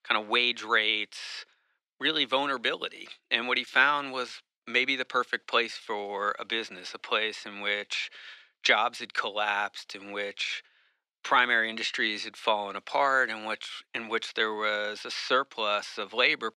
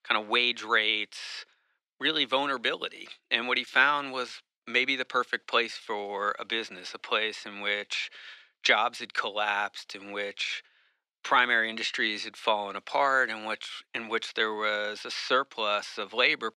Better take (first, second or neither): neither